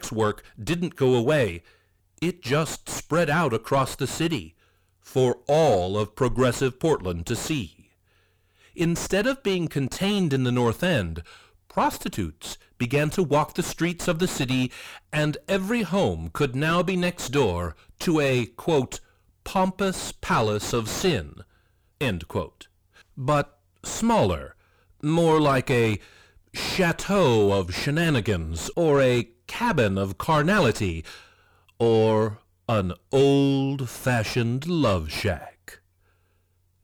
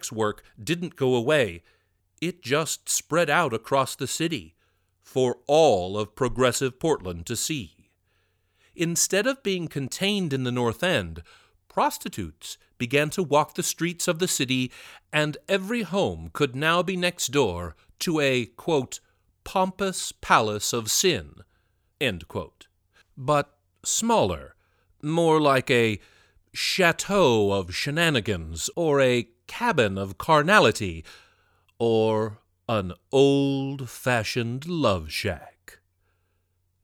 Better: second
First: distortion; heavy; 5 dB below the speech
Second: none

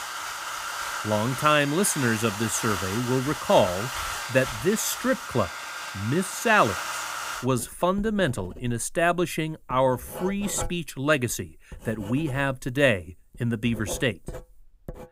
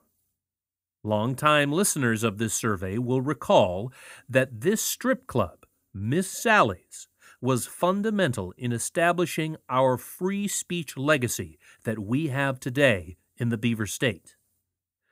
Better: second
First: household noises; loud; throughout; 8 dB below the speech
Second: none

